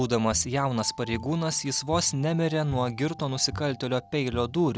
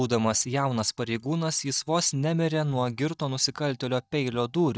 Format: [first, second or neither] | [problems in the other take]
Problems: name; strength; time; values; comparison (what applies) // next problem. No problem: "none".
first | noise reduction (neural mask model DeepFilterNet 3)